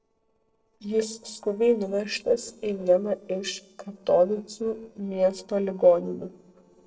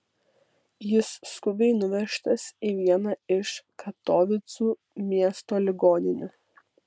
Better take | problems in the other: second | noise reduction (neural separator model SepFormer DNS4)

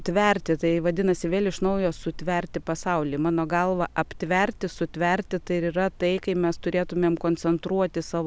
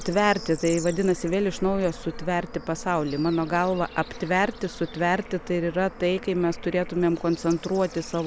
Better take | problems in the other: first | background sound (Bird / Insect / Frog); 18 dB below the speech

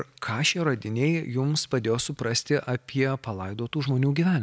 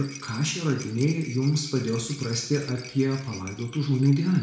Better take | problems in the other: first | background sound (Rattle); 18 dB below the speech // room echo; dies away in 0.6 s

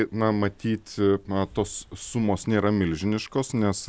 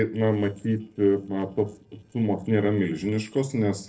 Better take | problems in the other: first | noise reduction (neural separator model SepFormer DNS4)

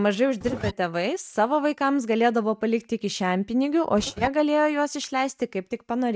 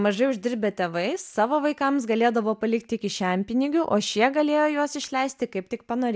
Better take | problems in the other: second | noise reduction (neural mask model RNNoise)

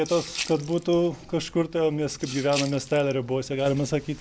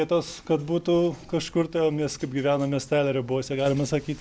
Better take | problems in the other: second | background sound (Rattle (instrument)); 14 dB below the speech

